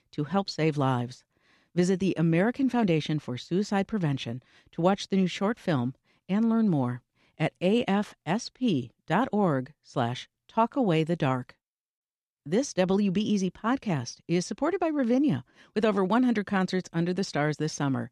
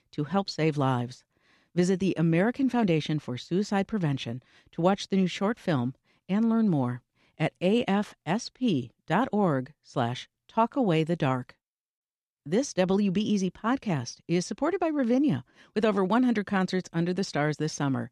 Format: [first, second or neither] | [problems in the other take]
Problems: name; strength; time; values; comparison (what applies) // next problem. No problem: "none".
neither | none